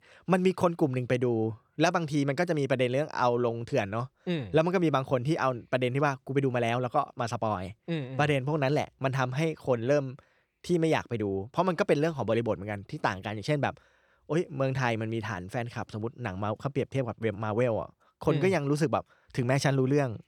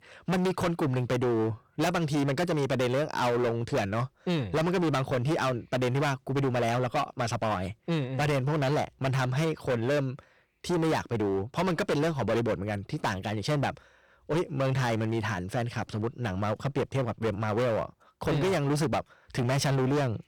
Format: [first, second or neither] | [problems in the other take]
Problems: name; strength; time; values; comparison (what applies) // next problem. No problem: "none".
first | distortion; heavy; 22% of the sound clipped